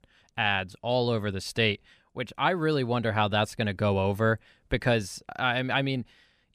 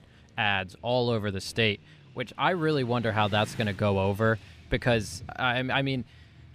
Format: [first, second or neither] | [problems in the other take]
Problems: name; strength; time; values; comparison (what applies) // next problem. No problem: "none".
first | traffic noise; faint; throughout; 20 dB below the speech